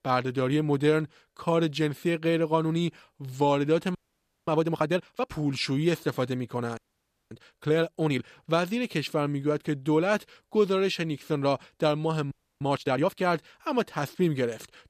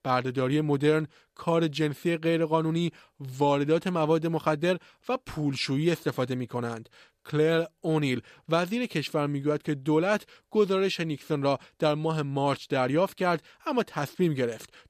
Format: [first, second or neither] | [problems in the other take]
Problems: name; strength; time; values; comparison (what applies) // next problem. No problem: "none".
second | audio freezing; at 4 s for 0.5 s, at 7 s for 0.5 s and at 12 s